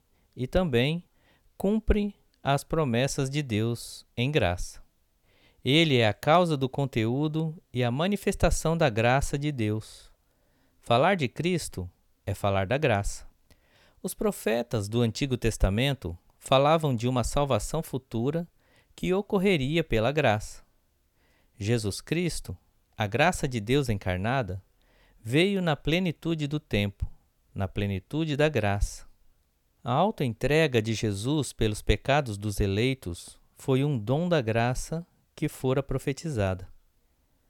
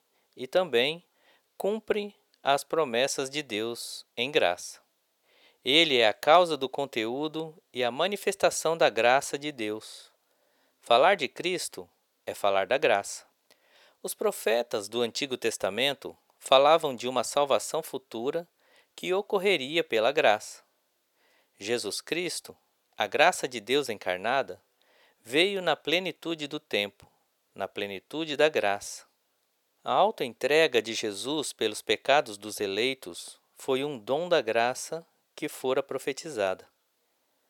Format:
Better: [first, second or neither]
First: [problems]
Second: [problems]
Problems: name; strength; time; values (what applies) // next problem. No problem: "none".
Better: first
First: none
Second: thin; somewhat; fading below 500 Hz